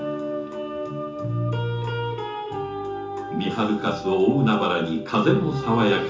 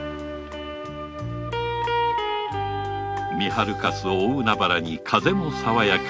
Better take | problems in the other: second | room echo; dies away in 0.7 s

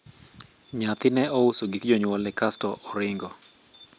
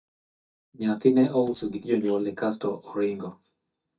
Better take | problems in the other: first | noise reduction (neural mask model DeepFilterNet 3)

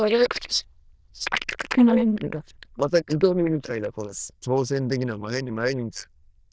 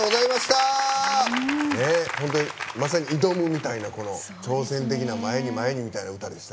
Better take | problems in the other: second | noise reduction (neural diffusion model UNIVERSE++)

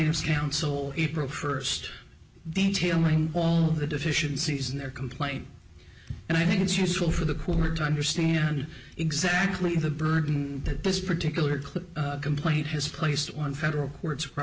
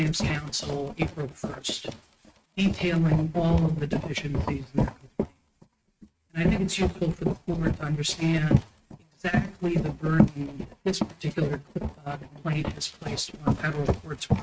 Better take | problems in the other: first | noise reduction (neural mask model RNNoise)

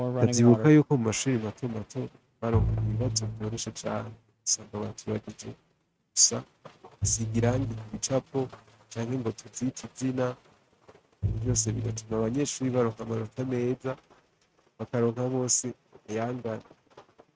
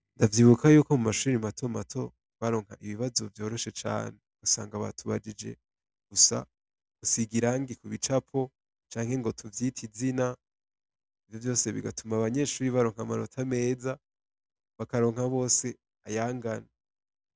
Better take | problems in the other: second | noise reduction (neural mask model RNNoise)

